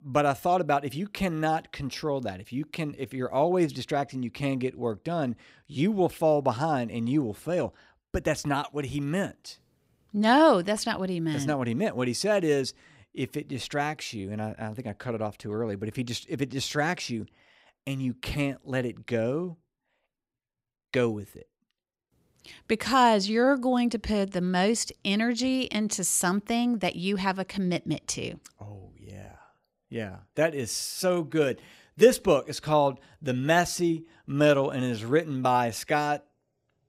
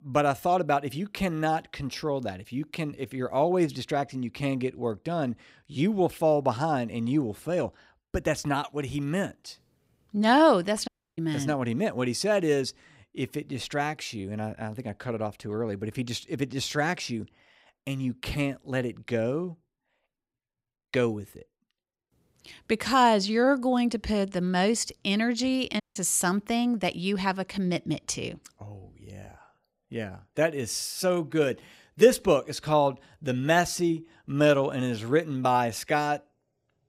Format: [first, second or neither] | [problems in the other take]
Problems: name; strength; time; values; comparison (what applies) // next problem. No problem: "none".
first | audio cutting out; at 11 s and at 26 s